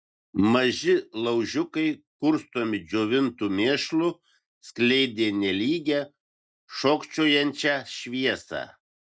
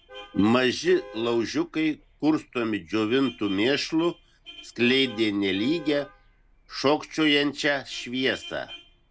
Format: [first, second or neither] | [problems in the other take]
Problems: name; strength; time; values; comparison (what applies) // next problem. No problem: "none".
first | background sound (Vehicle horn, car horn, honking); 20 dB below the speech